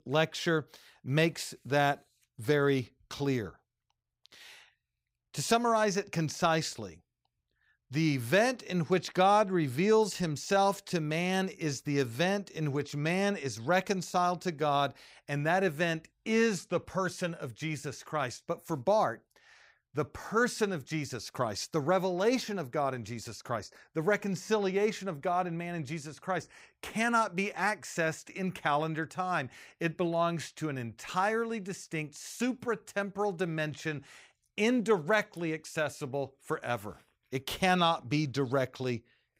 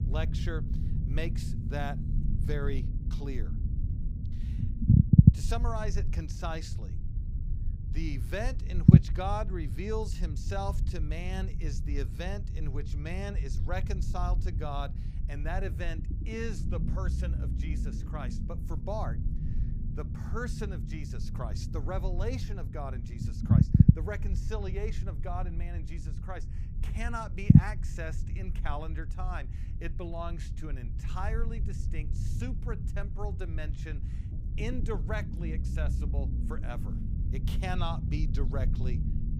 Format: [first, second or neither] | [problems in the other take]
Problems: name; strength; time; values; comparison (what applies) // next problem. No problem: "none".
first | low rumble; loud; throughout; as loud as the speech